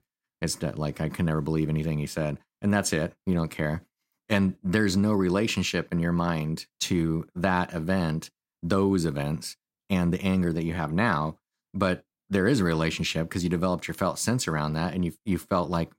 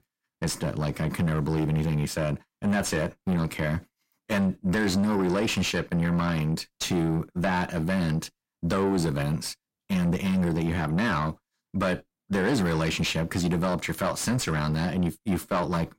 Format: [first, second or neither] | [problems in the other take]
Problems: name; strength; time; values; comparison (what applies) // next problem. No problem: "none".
first | distortion; heavy; 6 dB below the speech